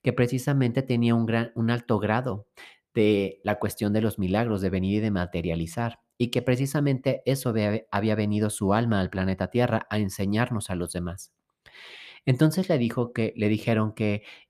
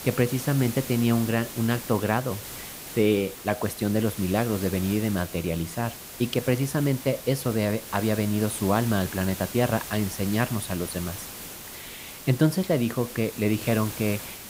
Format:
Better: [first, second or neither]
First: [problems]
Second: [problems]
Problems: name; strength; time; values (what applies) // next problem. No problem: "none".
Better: first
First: none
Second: hiss; noticeable; throughout; 10 dB below the speech